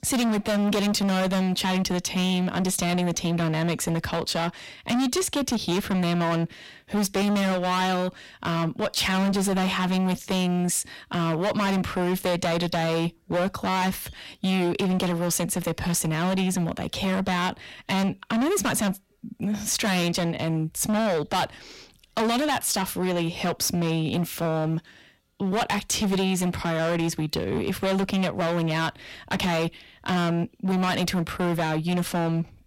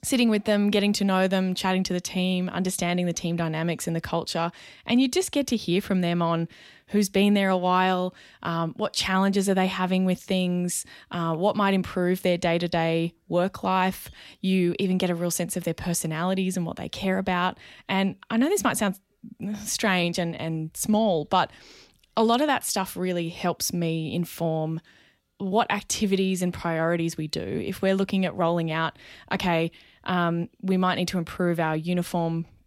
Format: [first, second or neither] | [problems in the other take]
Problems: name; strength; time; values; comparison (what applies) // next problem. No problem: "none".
second | distortion; heavy; 25% of the sound clipped